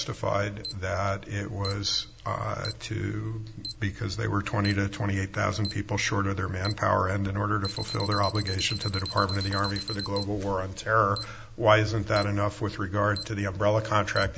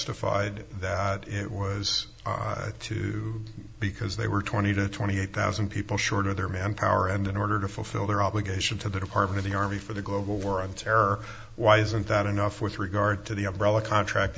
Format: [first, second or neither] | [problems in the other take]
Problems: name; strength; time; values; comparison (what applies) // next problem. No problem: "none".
second | background sound (Alarm); 14 dB below the speech